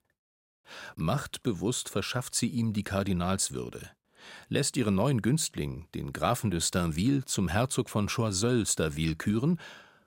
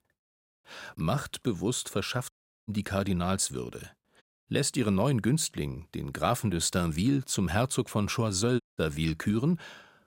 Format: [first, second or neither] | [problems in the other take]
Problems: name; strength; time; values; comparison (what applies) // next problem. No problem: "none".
first | audio cutting out; at 2.5 s, at 4 s and at 8.5 s